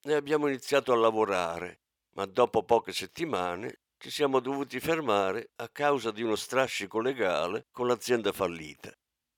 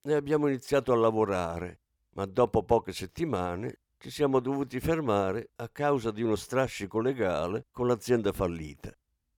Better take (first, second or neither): second